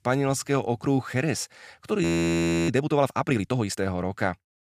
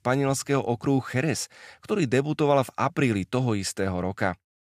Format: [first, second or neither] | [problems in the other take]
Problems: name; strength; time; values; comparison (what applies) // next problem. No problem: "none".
second | audio freezing; at 2 s for 0.5 s